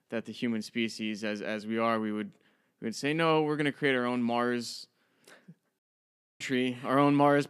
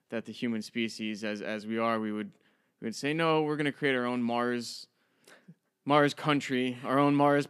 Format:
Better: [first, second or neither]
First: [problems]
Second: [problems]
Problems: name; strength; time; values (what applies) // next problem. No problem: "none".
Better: second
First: audio cutting out; at 6 s for 0.5 s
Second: none